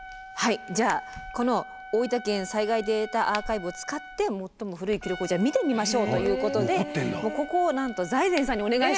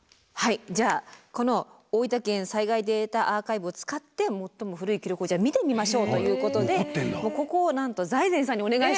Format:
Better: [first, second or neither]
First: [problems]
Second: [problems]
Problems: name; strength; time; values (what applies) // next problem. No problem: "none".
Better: second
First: background sound (Trumpet + Crack); 14 dB below the speech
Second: none